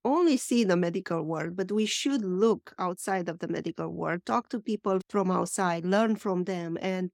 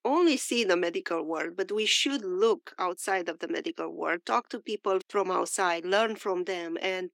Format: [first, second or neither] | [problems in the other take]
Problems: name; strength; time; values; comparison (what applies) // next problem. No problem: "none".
first | thin; somewhat; fading below 300 Hz